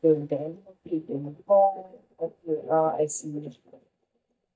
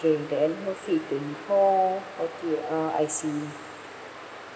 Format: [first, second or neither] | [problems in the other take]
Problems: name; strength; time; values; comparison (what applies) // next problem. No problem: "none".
second | noise reduction (neural mask model DeepFilterNet 3)